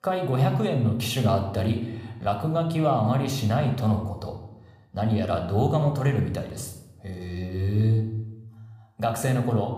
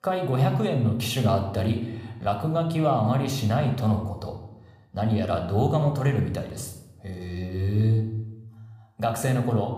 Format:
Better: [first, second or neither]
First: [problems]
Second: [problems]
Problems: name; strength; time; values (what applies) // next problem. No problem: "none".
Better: neither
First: room echo; slight; dies away in 0.7 s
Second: room echo; slight; dies away in 0.7 s